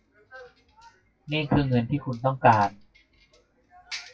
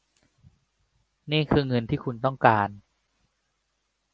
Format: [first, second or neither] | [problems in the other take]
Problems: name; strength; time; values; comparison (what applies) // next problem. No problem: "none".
second | noise reduction (classical method WPE with log-MMSE)